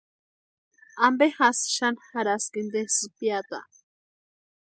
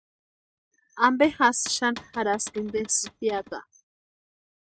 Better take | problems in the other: first | noise reduction (neural mask model RNNoise)

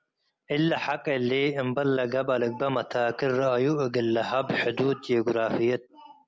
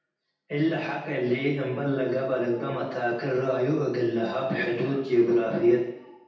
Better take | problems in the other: first | room echo; dies away in 0.9 s

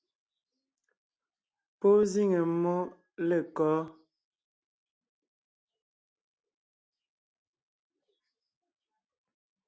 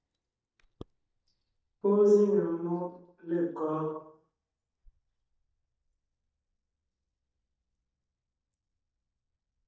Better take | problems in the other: first | noise reduction (neural mask model DeepFilterNet 3)

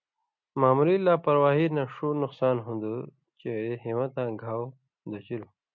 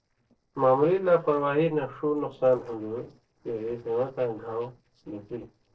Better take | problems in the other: first | noise reduction (neural separator model SepFormer DNS4)

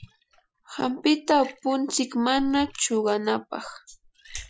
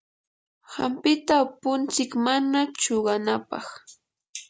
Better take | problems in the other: second | noise reduction (classical method Wiener filter)

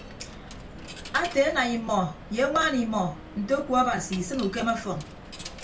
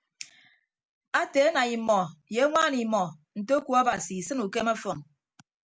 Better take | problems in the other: second | background sound (Coin (dropping)); 14 dB below the speech // room echo; dies away in 0.2 s

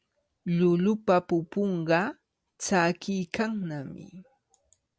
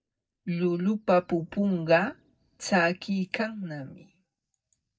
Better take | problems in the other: first | noise reduction (neural mask model DeepFilterNet 3)

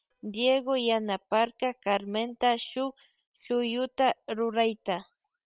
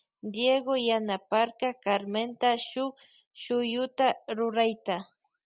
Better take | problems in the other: second | noise reduction (neural separator model SepFormer WHAM!)

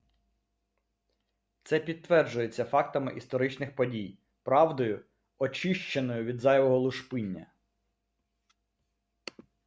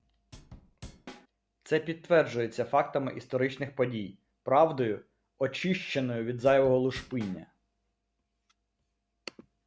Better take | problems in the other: first | background sound (Drum / Drum kit); 18 dB below the speech

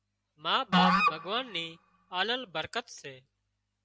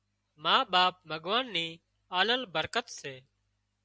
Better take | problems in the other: second | background sound (Musical instrument); 3 dB above the speech

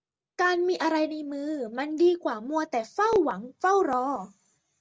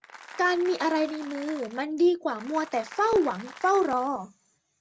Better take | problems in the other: first | background sound (Applause); 18 dB below the speech

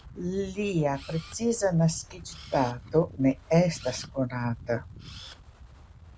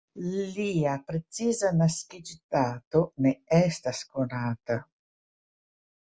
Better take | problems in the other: second | background sound (Camera + Wind); 17 dB below the speech

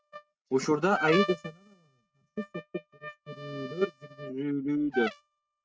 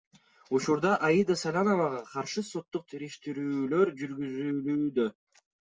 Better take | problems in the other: second | noise reduction (neural mask model RNNoise)

